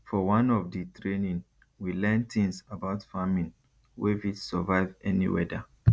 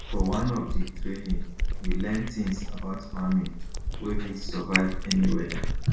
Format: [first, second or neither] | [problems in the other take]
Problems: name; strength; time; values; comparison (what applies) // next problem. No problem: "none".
first | background sound (Cat); 1 dB above the speech // room echo; dies away in 0.5 s